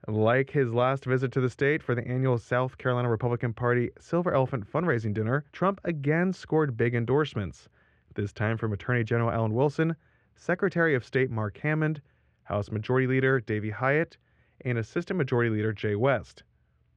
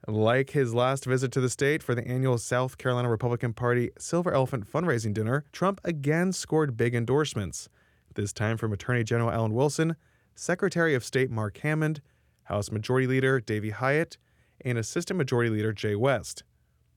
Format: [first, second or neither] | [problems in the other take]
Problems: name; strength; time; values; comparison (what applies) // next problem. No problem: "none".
second | muffled; very; fading above 2.5 kHz